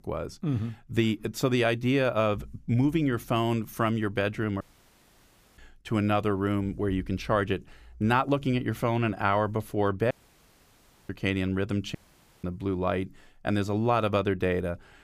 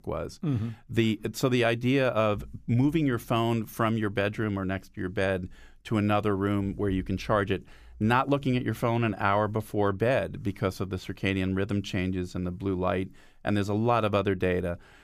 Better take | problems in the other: second | audio cutting out; at 4.5 s for 1 s, at 10 s for 1 s and at 12 s

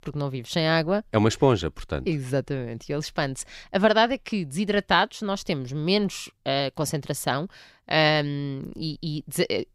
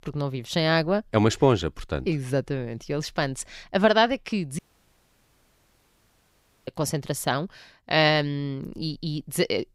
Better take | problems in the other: first | audio cutting out; at 4.5 s for 2 s

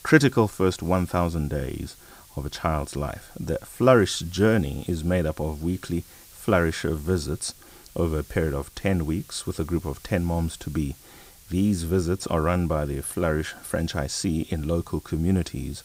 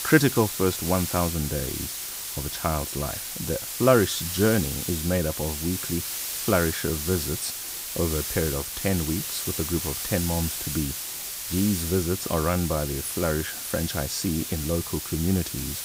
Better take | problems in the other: first | hiss; loud; throughout; 3 dB below the speech; faint in the first

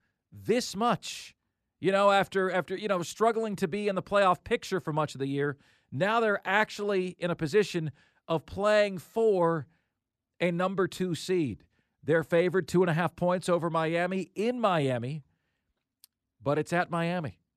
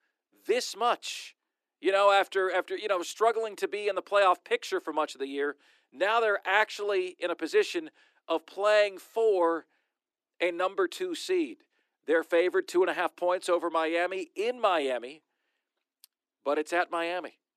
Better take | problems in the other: first | thin; very; fading below 300 Hz

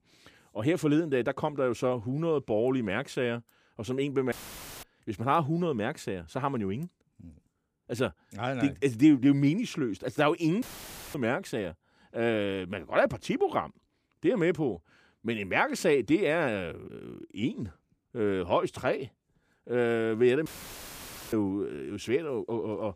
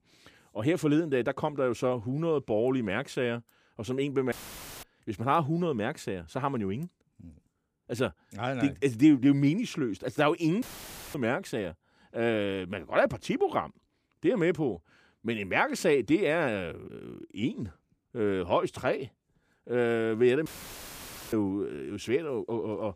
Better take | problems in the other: neither | audio cutting out; filled with static; at 4.5 s for 0.5 s, at 11 s for 0.5 s and at 20 s for 1 s; the same in both

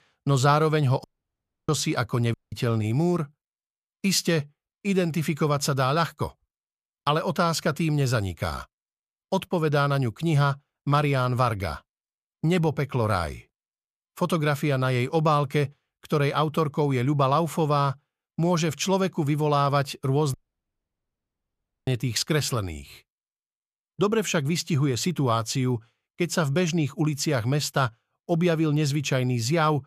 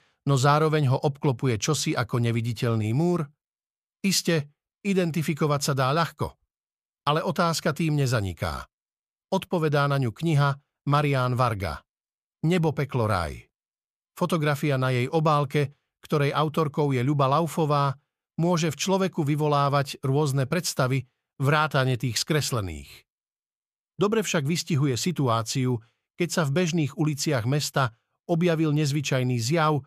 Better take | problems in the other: second | audio cutting out; at 1 s for 0.5 s, at 2.5 s and at 20 s for 1.5 s

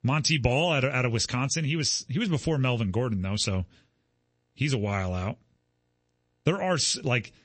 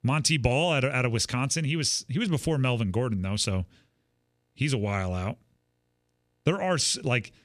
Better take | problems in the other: second | garbled, watery; slightly; nothing above 8 kHz

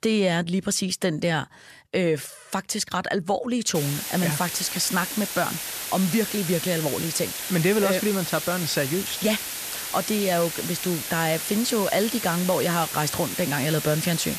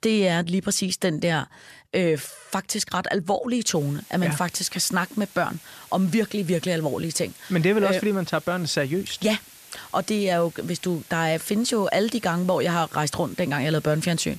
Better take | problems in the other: second | hiss; loud; from 4 s on; 4 dB below the speech; faint in the second

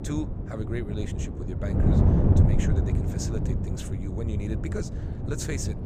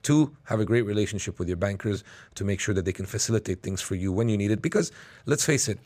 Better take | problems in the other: second | wind noise on the microphone; heavy; 2 dB above the speech

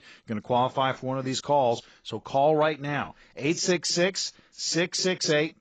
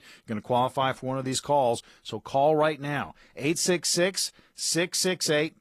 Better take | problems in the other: second | garbled, watery; badly; nothing above 7.5 kHz; slightly in the second

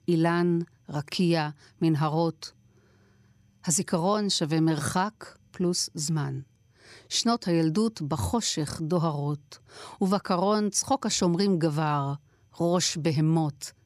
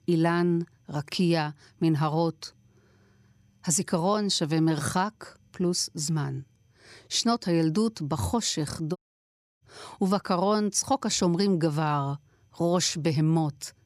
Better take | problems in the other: first | audio cutting out; at 9 s for 0.5 s

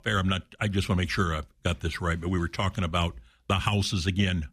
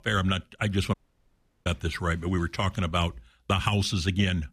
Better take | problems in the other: first | audio cutting out; at 1 s for 0.5 s

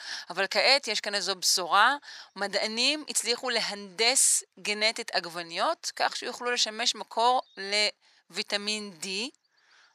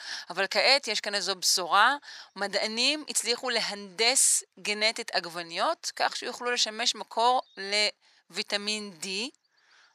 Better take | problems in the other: neither | thin; very; fading below 800 Hz; the same in both

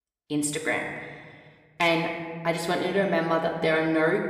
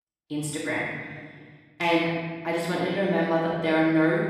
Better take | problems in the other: first | room echo; strong; dies away in 1.7 s; slight in the first // off-mic speech; far; somewhat distant in the first

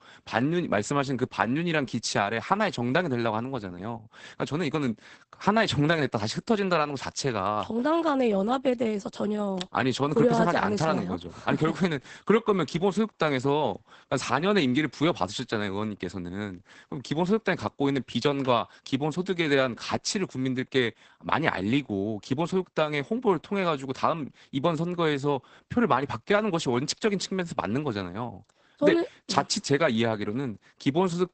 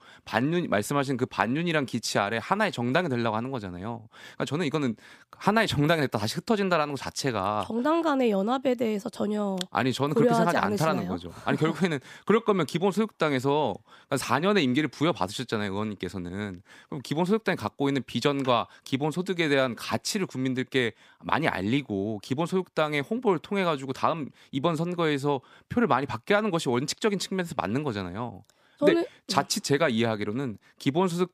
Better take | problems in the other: second | garbled, watery; badly; nothing above 8 kHz

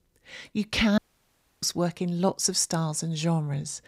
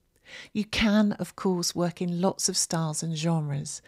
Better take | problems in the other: second | audio cutting out; at 1 s for 0.5 s

